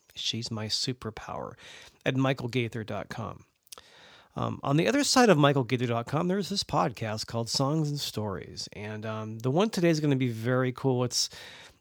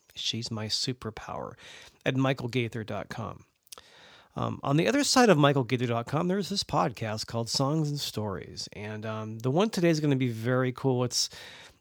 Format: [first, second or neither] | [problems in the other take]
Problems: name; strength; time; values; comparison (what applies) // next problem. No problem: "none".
neither | none